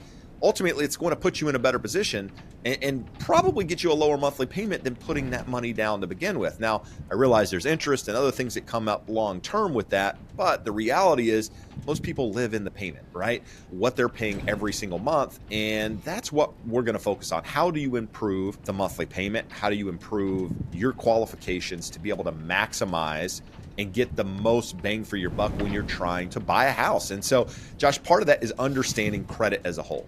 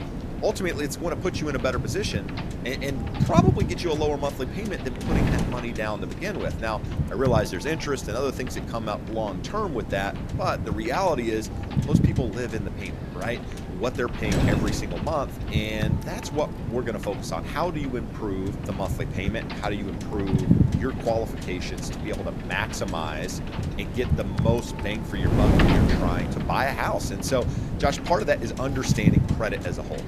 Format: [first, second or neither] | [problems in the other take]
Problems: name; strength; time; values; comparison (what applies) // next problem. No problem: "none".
first | wind noise on the microphone; heavy; 5 dB below the speech; occasional gusts in the first